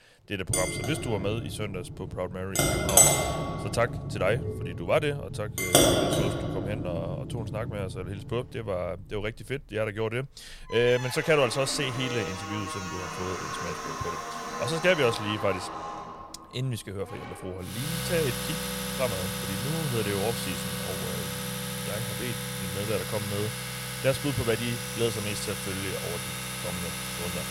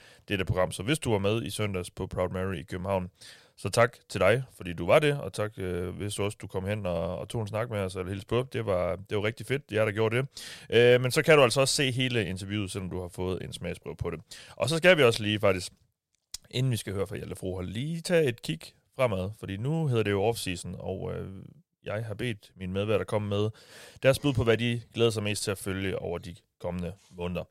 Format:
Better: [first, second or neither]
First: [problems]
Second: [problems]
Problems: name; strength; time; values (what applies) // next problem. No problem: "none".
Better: second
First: household noises; very loud; throughout; 1 dB above the speech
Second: none